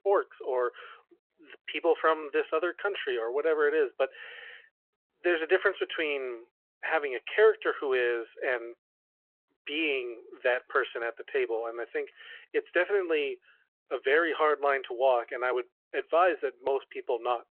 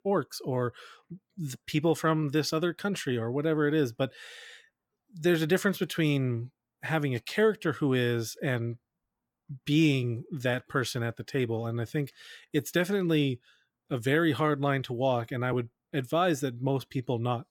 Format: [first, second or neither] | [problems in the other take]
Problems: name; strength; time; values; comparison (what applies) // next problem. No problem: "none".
second | phone-call audio